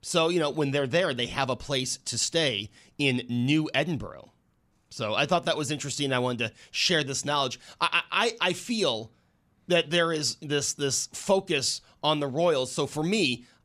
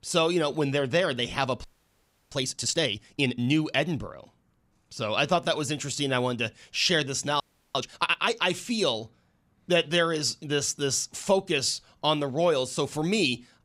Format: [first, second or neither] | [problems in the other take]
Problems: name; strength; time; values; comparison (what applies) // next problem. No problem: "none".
first | audio freezing; at 1.5 s for 0.5 s and at 7.5 s